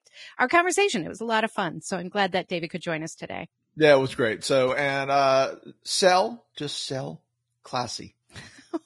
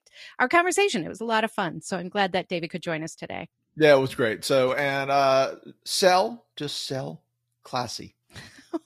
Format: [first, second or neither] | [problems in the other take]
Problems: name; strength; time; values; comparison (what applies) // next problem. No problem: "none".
second | garbled, watery; badly; nothing above 10.5 kHz; slightly in the second